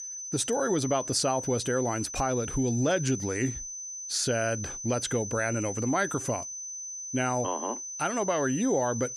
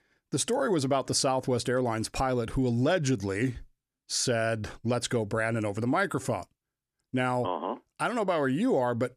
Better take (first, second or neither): second